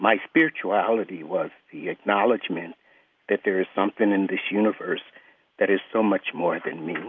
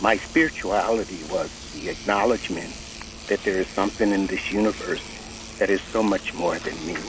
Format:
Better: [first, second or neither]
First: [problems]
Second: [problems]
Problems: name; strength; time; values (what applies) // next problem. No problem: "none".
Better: first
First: none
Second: background sound (Wind + Engine / Domestic sounds, home sounds); 13 dB below the speech